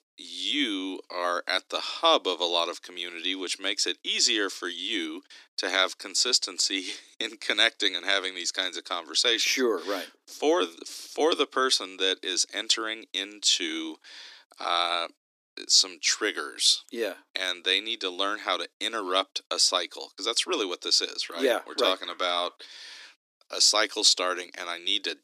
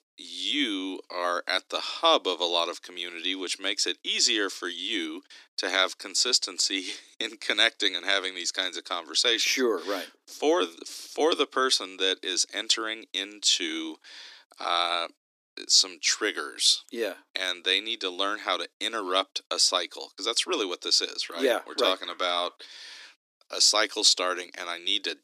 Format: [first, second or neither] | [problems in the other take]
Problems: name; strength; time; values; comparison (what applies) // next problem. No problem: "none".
neither | thin; somewhat; fading below 300 Hz; the same in both